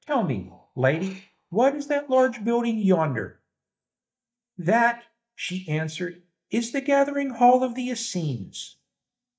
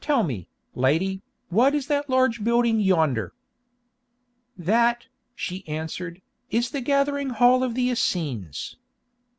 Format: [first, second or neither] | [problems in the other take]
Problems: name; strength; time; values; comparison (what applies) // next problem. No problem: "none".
second | noise reduction (neural mask model DeepFilterNet 3)